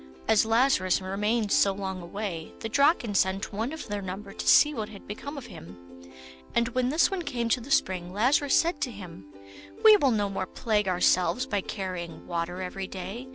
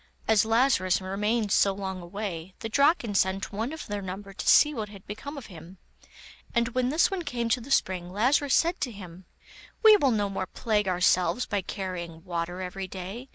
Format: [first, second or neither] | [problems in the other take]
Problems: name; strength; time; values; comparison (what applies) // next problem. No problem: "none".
second | background sound (Plucked string instrument); 18 dB below the speech